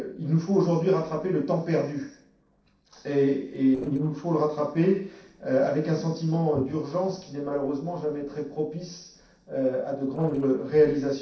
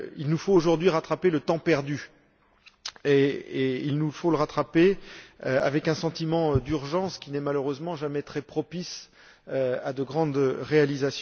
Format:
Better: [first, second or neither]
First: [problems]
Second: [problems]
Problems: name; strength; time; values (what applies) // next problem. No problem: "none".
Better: second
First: noise reduction (neural separator model SepFormer DNS4)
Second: none